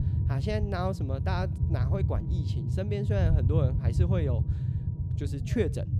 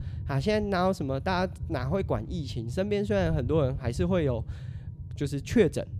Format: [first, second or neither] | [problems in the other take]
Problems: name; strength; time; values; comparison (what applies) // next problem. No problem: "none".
second | low rumble; loud; throughout; 6 dB below the speech; faint in the second